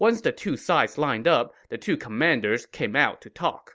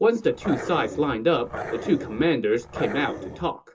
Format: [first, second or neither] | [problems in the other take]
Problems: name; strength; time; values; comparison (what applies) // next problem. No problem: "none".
first | background sound (Growling); 11 dB below the speech // room echo; dies away in 0.2 s